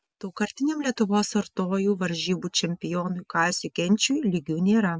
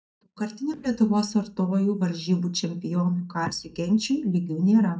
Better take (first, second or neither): first